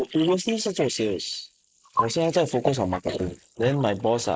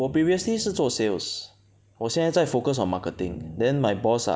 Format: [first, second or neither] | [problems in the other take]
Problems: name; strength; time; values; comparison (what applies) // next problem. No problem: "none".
second | noise reduction (neural mask model Resemble Enhance denoiser)